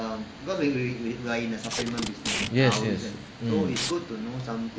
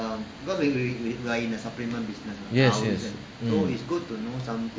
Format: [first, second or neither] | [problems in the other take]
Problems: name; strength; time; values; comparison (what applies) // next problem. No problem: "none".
second | background sound (Packing tape, duct tape); 7 dB below the speech